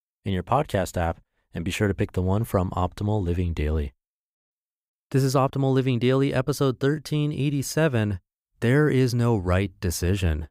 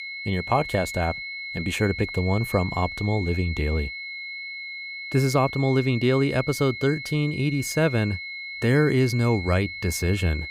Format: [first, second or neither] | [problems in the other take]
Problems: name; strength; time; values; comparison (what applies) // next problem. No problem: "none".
first | high-pitched whine; loud; throughout; 2 kHz, 8 dB below the speech